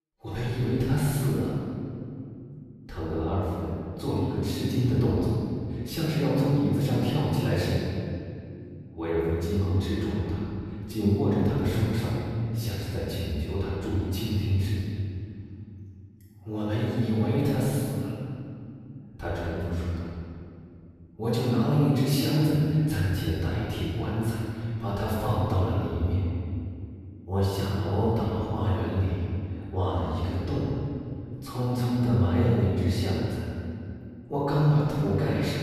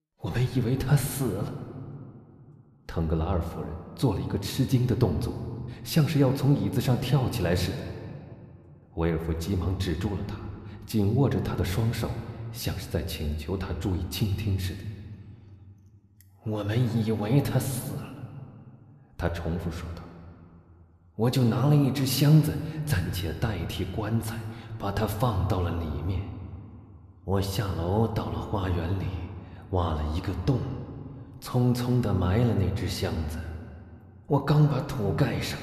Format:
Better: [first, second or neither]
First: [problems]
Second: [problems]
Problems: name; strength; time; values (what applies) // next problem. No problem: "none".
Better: second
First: room echo; strong; dies away in 2.5 s // off-mic speech; far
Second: room echo; slight; dies away in 1.7 s